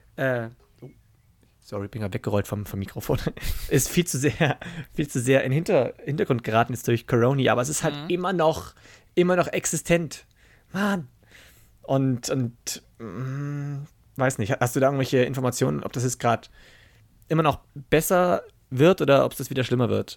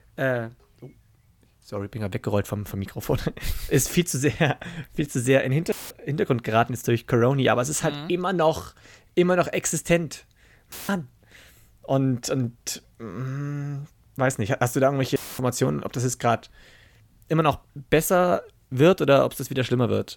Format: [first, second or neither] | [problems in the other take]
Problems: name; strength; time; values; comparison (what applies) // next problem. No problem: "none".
first | audio cutting out; filled with static; at 5.5 s, at 11 s and at 15 s